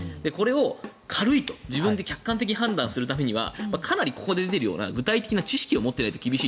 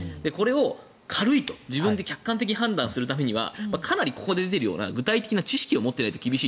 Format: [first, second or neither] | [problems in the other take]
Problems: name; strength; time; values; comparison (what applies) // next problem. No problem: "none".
second | background sound (Drum kit); 19 dB below the speech